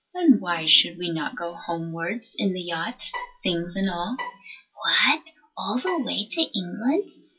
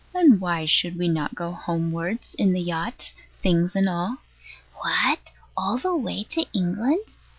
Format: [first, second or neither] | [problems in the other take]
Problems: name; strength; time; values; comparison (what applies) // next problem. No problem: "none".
second | noise reduction (classical method WPE with log-MMSE)